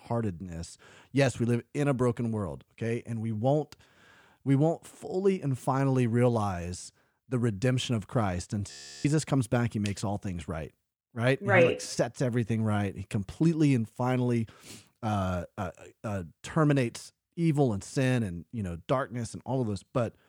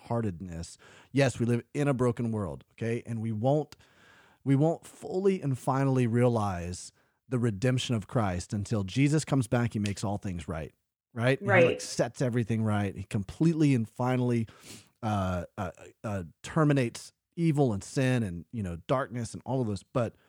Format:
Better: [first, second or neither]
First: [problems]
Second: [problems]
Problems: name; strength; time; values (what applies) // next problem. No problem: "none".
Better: second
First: audio freezing; at 8.5 s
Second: none